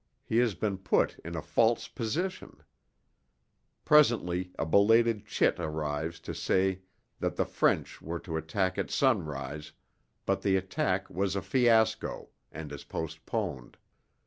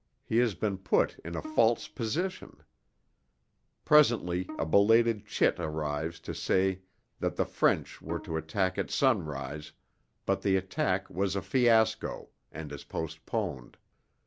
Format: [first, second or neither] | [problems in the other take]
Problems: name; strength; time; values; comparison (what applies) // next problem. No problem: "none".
first | background sound (Bowed string instrument); 19 dB below the speech